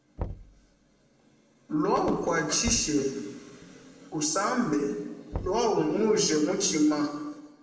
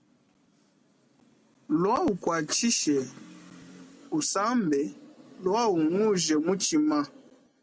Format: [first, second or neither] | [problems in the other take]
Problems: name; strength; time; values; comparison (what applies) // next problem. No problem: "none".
second | background sound (Knock / Wood); 15 dB below the speech // room echo; dies away in 1.2 s